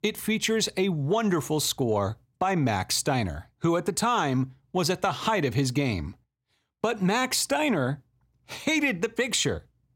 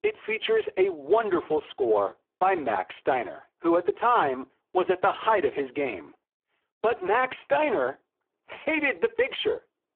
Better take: first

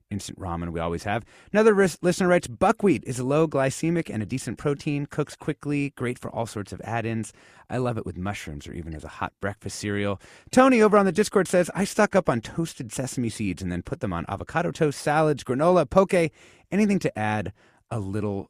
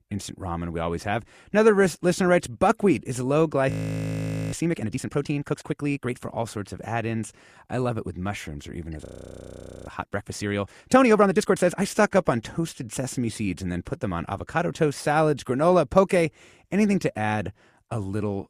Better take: first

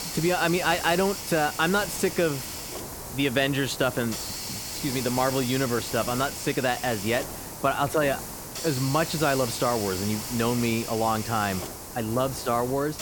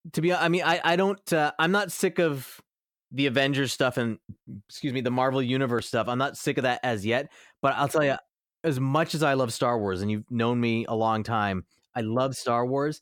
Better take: second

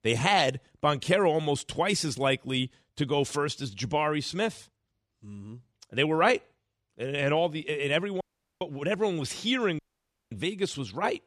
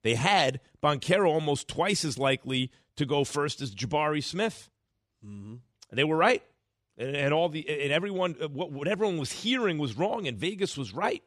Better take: second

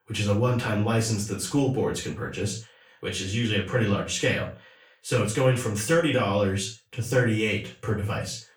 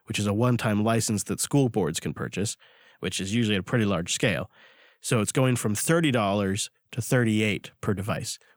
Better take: second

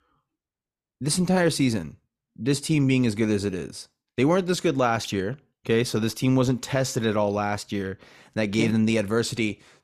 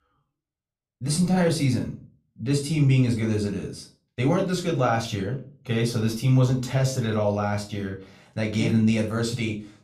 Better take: first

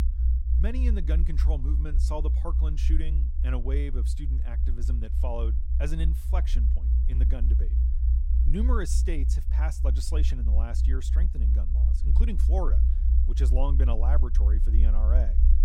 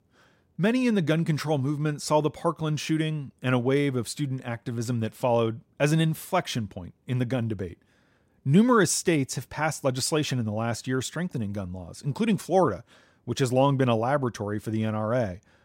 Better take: second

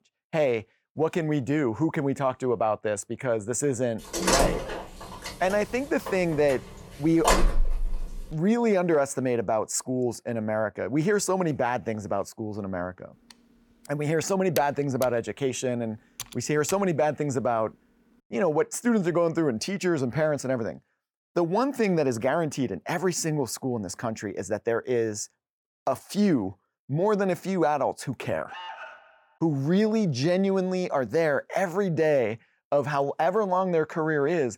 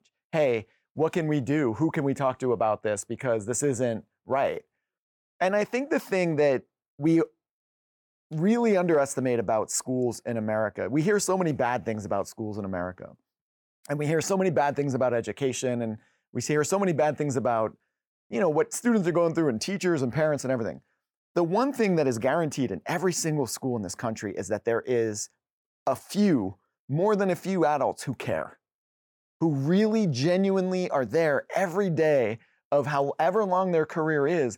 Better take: second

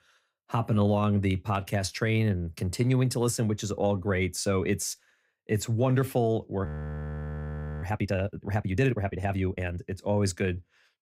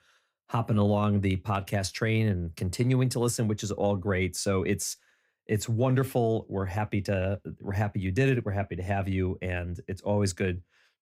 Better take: second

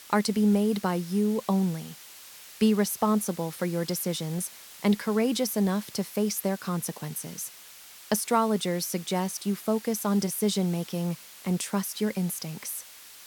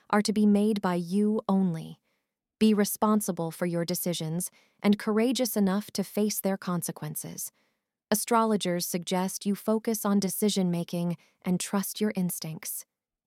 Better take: second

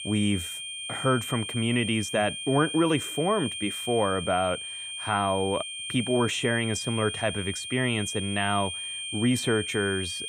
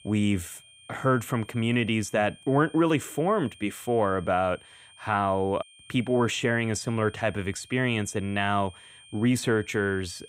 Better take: second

